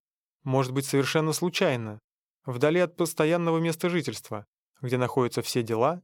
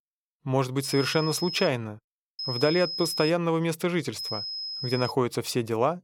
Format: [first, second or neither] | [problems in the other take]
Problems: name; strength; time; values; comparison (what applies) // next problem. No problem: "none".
first | high-pitched whine; loud; at 1 s, at 2.5 s and at 4 s; 5 kHz, 6 dB below the speech